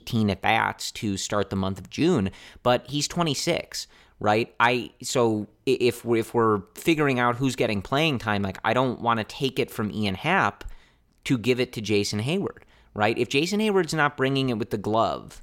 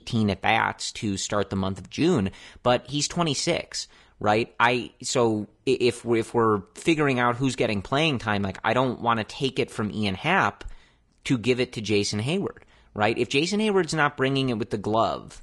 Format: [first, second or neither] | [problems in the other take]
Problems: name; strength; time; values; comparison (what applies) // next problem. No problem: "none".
first | garbled, watery; slightly